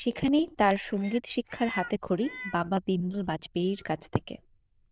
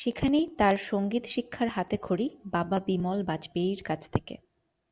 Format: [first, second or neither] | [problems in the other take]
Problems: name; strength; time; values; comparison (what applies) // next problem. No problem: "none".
second | noise reduction (neural diffusion model UNIVERSE++)